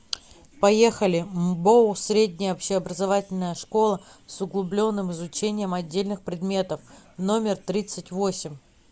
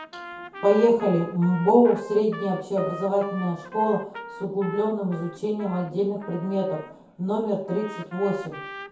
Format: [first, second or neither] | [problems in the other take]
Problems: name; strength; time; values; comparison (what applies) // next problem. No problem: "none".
first | background sound (Trumpet); 15 dB below the speech // room echo; dies away in 0.6 s